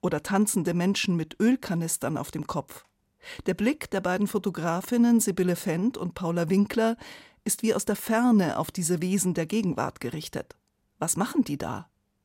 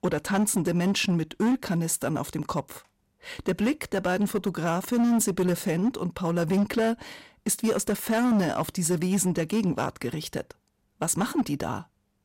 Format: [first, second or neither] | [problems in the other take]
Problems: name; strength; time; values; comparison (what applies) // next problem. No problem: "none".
first | distortion; slight; 8% of the sound clipped